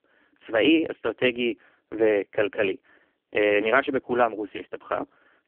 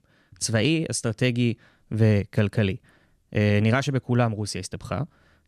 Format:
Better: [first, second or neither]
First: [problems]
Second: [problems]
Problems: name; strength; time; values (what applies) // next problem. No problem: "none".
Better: second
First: phone-call audio; poor line; nothing above 3 kHz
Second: none